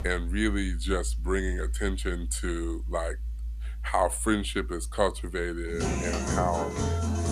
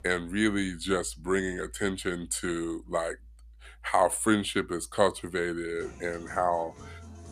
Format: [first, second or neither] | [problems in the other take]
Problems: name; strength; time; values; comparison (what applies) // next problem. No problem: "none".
second | background music; loud; throughout; 3 dB below the speech; faint in the second